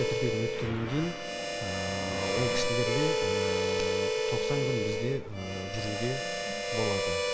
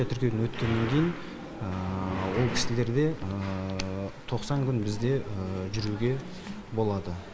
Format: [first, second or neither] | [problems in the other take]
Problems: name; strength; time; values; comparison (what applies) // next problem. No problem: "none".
second | background sound (Harmonica); 3 dB above the speech